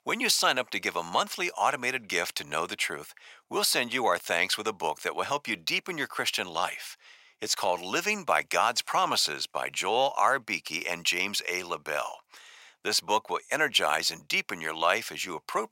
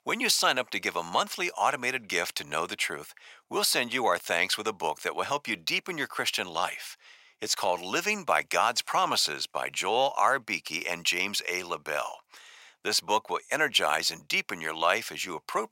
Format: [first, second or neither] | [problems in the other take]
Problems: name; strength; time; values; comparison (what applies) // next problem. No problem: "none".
neither | thin; very; fading below 700 Hz; the same in both